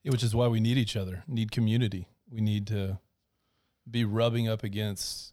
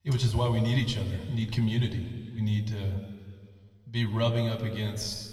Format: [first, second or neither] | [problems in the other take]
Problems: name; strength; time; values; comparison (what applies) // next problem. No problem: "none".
first | room echo; slight; dies away in 2 s // off-mic speech; somewhat distant